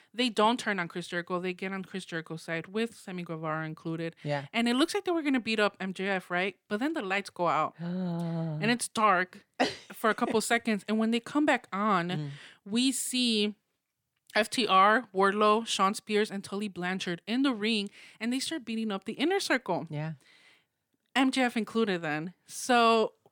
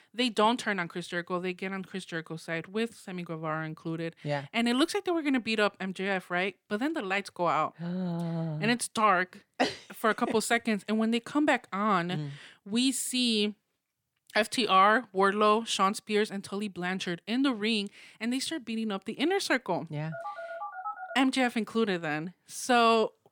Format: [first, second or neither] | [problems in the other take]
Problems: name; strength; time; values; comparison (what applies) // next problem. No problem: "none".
first | phone ringing; noticeable; from 20 to 21 s; peak 9 dB below the speech